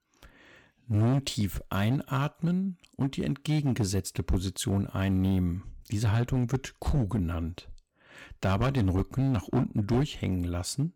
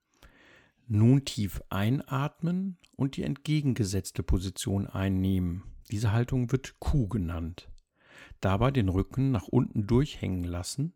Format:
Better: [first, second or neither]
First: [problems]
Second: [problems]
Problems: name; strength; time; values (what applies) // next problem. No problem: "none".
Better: second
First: distortion; slight; 8% of the sound clipped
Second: none